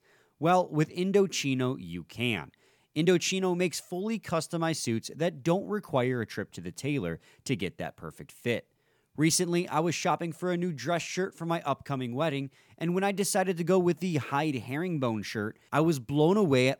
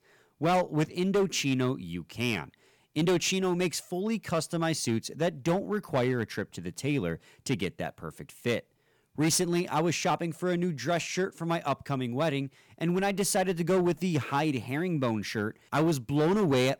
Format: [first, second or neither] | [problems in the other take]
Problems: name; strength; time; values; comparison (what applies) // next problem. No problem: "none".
first | distortion; slight; 7% of the sound clipped